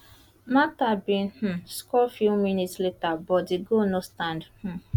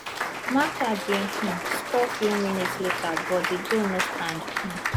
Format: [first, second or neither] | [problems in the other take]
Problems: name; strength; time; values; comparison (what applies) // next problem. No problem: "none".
first | background sound (Applause / Cheering); 2 dB below the speech